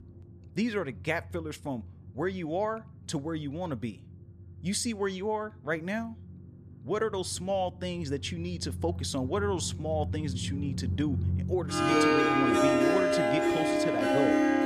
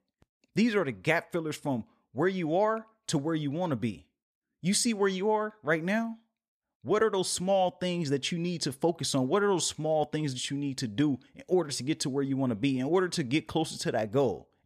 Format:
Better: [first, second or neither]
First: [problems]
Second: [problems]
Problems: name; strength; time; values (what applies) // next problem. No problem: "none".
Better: second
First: background music; very loud; throughout; 5 dB above the speech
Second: none